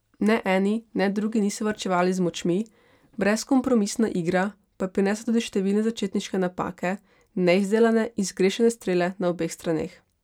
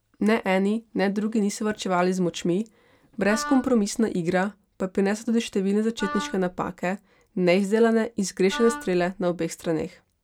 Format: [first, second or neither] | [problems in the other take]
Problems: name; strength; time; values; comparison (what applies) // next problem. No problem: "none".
first | background sound (Wind instrument, woodwind instrument); 12 dB below the speech